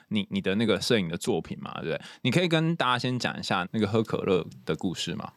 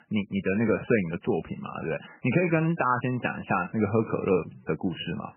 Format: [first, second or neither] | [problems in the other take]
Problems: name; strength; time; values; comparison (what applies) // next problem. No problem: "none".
first | garbled, watery; badly; nothing above 3 kHz